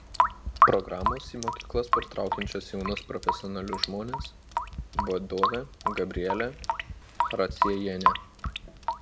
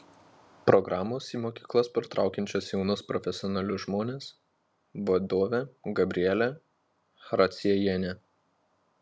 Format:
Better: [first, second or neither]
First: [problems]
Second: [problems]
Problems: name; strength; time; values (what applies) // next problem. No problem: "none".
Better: second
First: background sound (Drip / Sink (filling or washing) / Water tap, faucet); 4 dB above the speech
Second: none